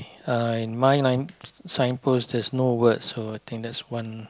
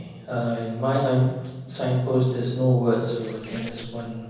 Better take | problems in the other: first | background sound (Squeak); 18 dB below the speech // room echo; dies away in 1.1 s

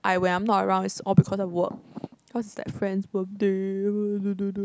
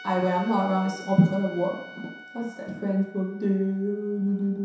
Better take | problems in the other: first | background sound (Trumpet); 19 dB below the speech // room echo; dies away in 0.7 s

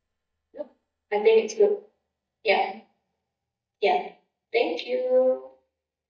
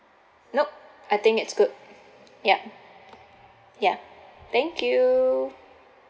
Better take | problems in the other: second | noise reduction (neural mask model DeepFilterNet 3)

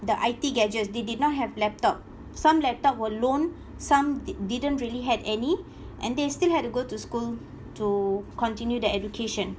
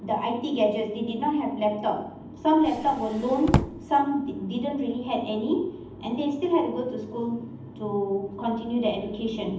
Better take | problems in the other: first | background sound (Drawer open or close); 2 dB below the speech // room echo; dies away in 0.8 s

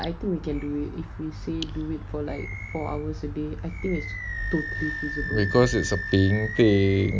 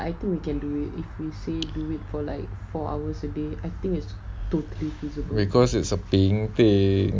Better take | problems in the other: second | background sound (Animal); 11 dB below the speech

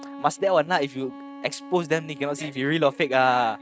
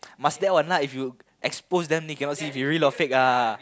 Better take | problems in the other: second | noise reduction (neural mask model RNNoise)

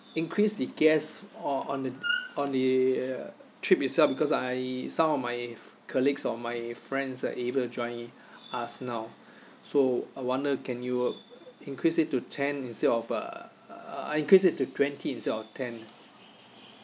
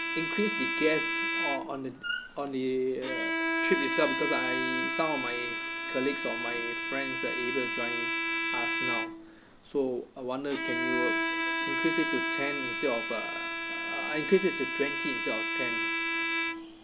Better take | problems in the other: first | background sound (Bowed string instrument); 1 dB above the speech

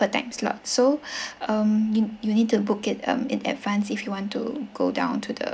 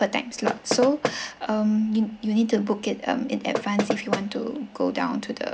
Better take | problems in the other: first | background sound (Knock); 4 dB below the speech

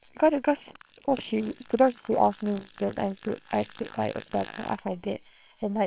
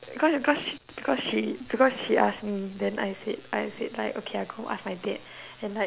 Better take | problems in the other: second | noise reduction (neural separator model SepFormer WHAMR!)

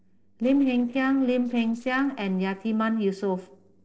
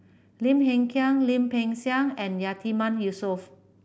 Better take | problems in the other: second | noise reduction (neural separator model SepFormer DNS4)

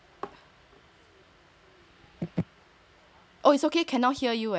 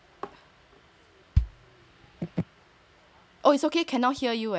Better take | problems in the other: first | background sound (Bass drum); 4 dB below the speech

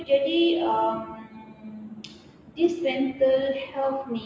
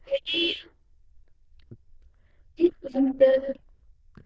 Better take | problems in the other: first | noise reduction (neural diffusion model UNIVERSE++)

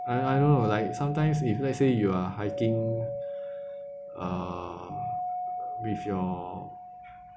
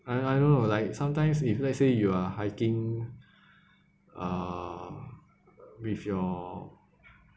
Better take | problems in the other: second | background sound (Doorbell); 7 dB below the speech

